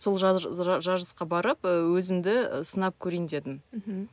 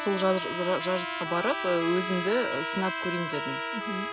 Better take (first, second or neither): first